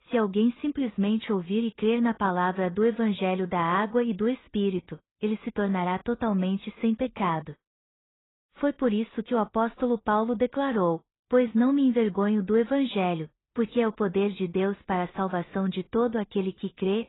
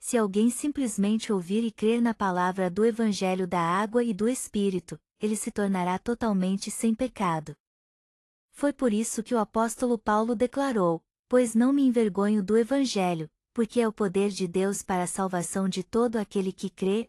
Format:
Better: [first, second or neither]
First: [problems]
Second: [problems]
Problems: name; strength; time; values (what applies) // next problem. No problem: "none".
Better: second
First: garbled, watery; badly; nothing above 4 kHz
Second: garbled, watery; slightly; nothing above 11.5 kHz